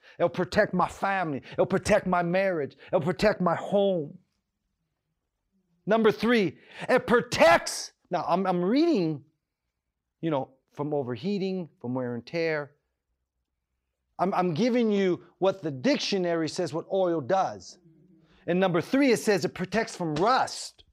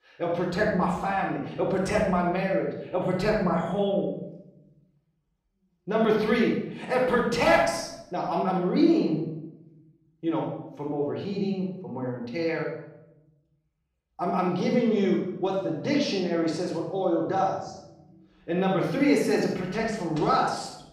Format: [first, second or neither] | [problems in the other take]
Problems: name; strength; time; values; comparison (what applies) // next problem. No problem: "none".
first | off-mic speech; far // room echo; noticeable; dies away in 0.7 s